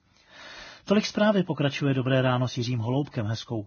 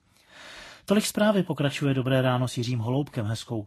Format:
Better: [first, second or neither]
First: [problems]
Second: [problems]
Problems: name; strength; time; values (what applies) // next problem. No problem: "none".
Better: second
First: garbled, watery; badly; nothing above 6.5 kHz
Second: garbled, watery; slightly; nothing above 13.5 kHz